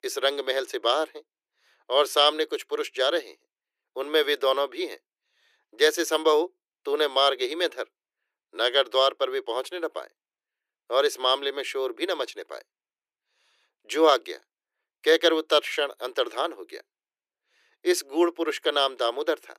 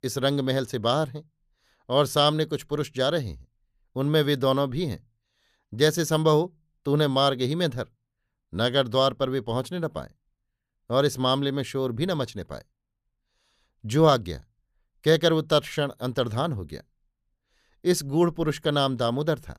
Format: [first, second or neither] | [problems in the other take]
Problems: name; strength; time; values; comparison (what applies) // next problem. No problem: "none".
second | thin; very; fading below 350 Hz